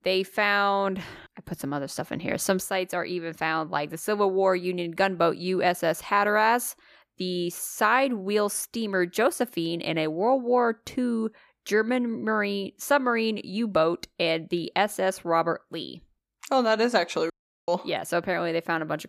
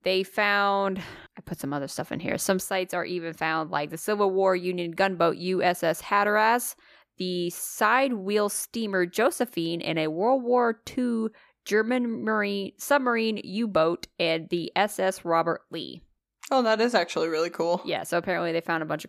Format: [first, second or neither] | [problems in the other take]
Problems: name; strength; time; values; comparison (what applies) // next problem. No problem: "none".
second | audio cutting out; at 17 s